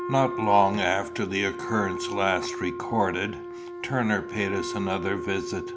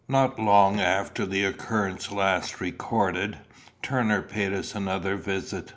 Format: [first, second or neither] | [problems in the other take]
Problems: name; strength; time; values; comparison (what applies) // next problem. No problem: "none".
second | background sound (Wind instrument, woodwind instrument); 7 dB below the speech